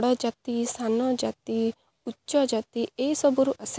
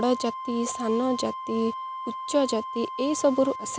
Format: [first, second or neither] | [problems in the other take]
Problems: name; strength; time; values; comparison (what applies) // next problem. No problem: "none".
first | background sound (Wind instrument, woodwind instrument); 8 dB below the speech